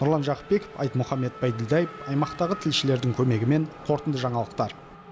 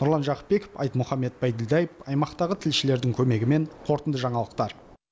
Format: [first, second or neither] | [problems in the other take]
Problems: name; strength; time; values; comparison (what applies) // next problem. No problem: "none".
second | background sound (Race car, auto racing / Accelerating, revving, vroom); 17 dB below the speech